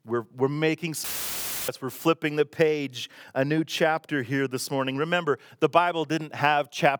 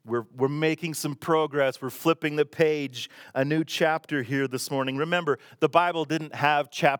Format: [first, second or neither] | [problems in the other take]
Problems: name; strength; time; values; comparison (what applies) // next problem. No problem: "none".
second | audio cutting out; filled with static; at 1 s for 0.5 s